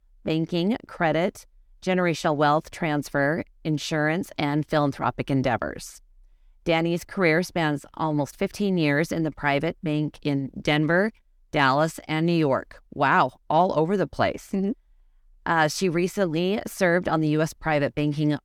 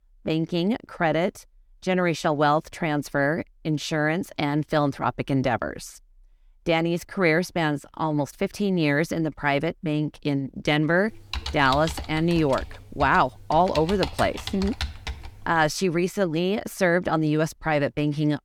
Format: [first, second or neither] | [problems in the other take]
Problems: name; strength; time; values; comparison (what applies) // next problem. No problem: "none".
first | keyboard typing; noticeable; from 11 to 16 s; peak 7 dB below the speech